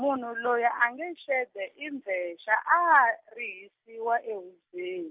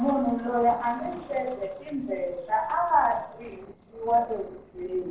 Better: first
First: none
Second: noise reduction (neural separator model SepFormer DNS4)

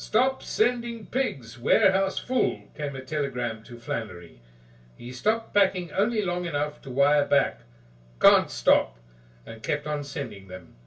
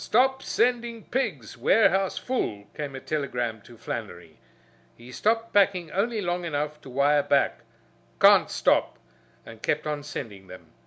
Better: second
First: room echo; dies away in 0.1 s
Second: none

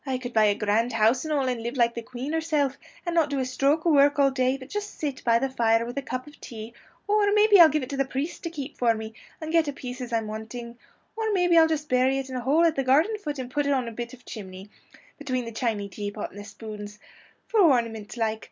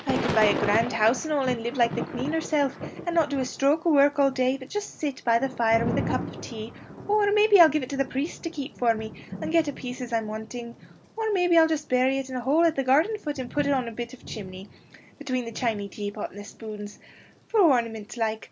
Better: first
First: none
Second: background sound (Thunder / Rain); 11 dB below the speech

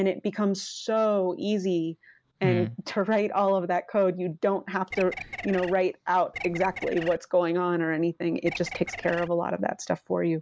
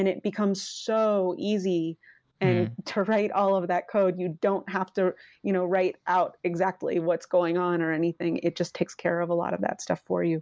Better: second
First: background sound (Bird); 11 dB below the speech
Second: none

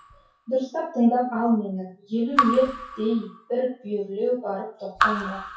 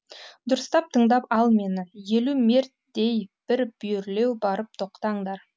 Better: second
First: noise reduction (classical method WPE with log-MMSE)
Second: none

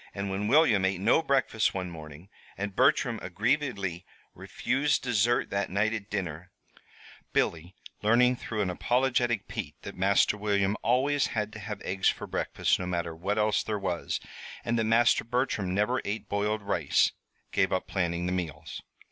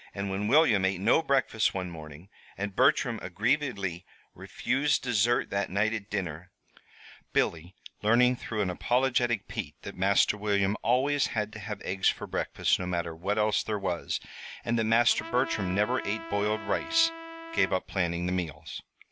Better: first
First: none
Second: background sound (Trumpet); 11 dB below the speech

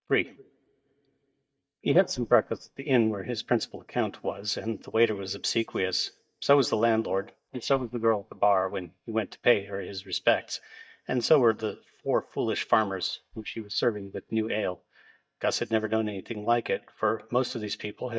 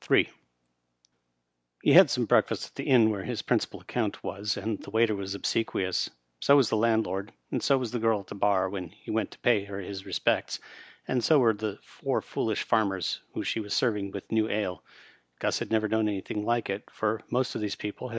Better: second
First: noise reduction (neural mask model DeepFilterNet 3)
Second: none

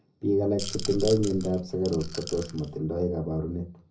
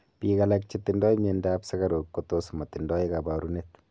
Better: second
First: background sound (Rattle / Rattle (instrument)); 8 dB below the speech // room echo; dies away in 0.4 s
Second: none

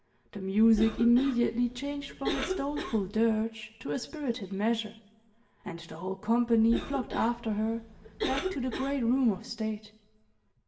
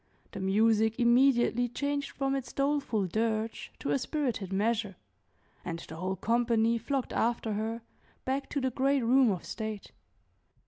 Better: second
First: background sound (Cough); 11 dB below the speech // room echo; dies away in 0.7 s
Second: none

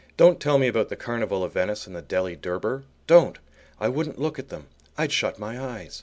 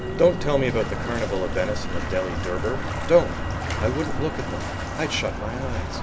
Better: first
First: none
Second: background sound (Bathtub (filling or washing) + Motor vehicle (road)); 2 dB below the speech

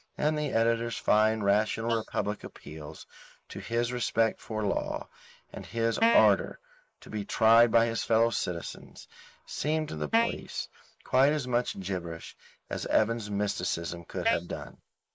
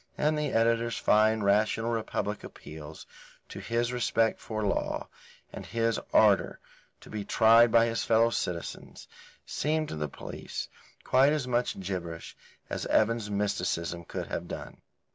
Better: second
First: noise reduction (neural mask model Resemble Enhance denoiser)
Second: none

